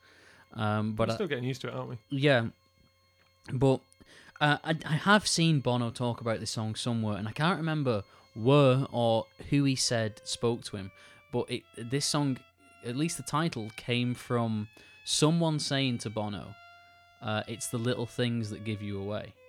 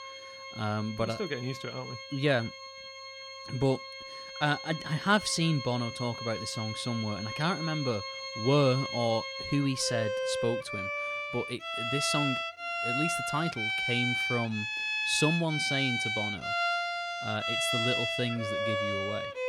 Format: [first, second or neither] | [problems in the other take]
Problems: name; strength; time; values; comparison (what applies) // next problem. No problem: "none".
first | background music; loud; throughout; 1 dB below the speech; faint in the first